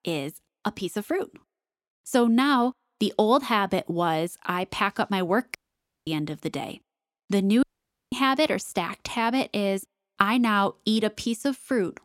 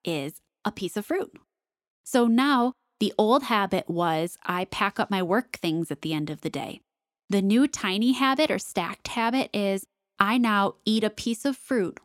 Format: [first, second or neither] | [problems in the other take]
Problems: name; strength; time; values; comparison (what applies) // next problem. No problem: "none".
second | audio cutting out; at 5.5 s for 0.5 s and at 7.5 s